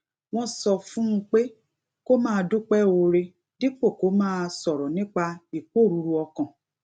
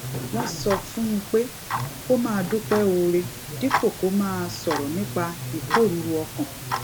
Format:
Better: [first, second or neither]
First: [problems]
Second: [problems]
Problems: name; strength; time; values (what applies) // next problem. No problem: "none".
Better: first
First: none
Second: background sound (Tick-tock); 6 dB below the speech